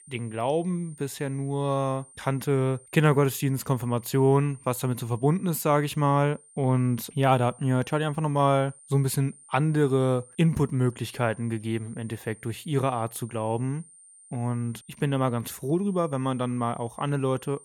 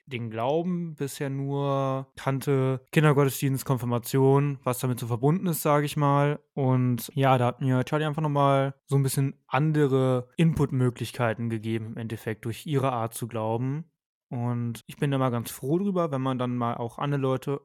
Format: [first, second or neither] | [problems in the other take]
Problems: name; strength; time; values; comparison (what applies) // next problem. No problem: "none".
second | high-pitched whine; faint; throughout; 9 kHz, 25 dB below the speech